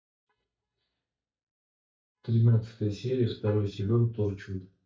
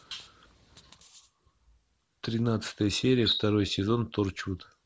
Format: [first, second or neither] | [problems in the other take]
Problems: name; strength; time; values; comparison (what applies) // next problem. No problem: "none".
second | noise reduction (neural mask model DeepFilterNet 3)